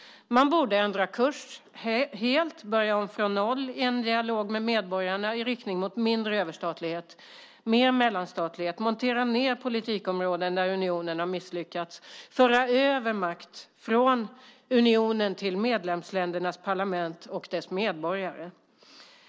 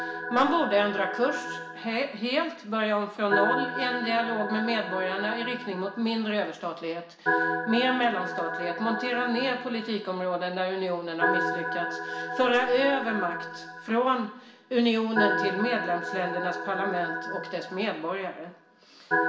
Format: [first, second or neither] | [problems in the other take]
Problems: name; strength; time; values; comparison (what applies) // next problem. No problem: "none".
first | background sound (Organ); 4 dB below the speech // room echo; dies away in 0.7 s